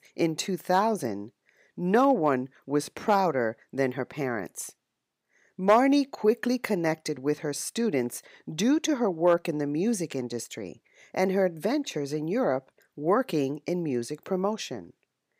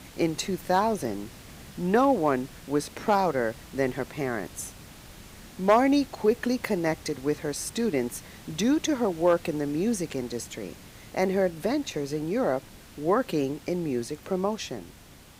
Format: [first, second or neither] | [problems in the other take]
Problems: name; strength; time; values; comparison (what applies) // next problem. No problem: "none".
first | hiss; noticeable; throughout; 20 dB below the speech